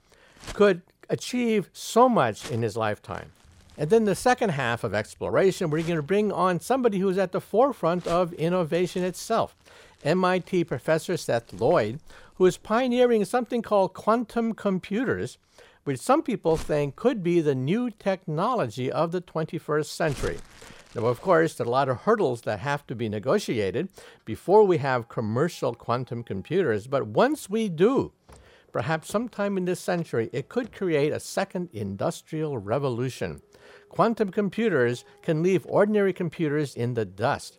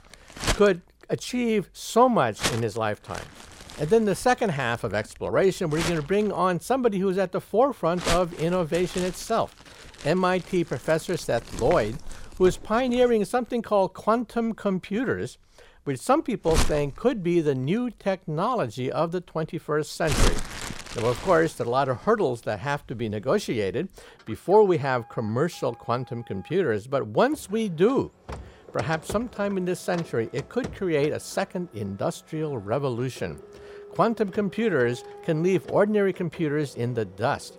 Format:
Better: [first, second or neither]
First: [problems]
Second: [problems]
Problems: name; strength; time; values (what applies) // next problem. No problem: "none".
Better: first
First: household noises; faint; throughout; 25 dB below the speech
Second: household noises; loud; throughout; 10 dB below the speech